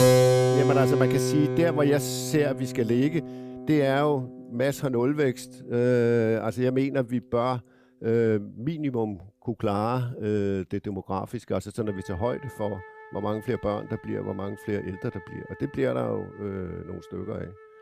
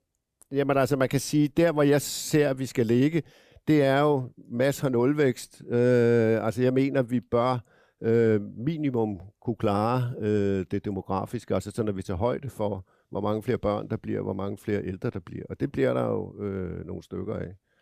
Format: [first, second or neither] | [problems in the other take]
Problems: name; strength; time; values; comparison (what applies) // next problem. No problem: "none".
second | background music; very loud; throughout; 1 dB above the speech